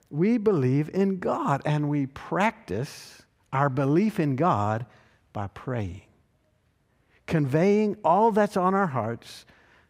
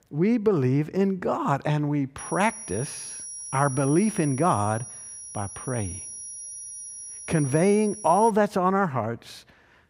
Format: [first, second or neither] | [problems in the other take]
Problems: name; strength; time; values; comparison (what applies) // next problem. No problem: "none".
first | high-pitched whine; noticeable; from 2 to 8.5 s; 10.5 kHz, 10 dB below the speech